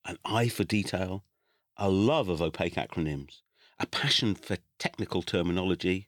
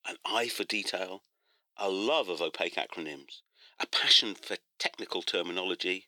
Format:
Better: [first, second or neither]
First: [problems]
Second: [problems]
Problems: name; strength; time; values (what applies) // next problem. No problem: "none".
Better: first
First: none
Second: thin; somewhat; fading below 350 Hz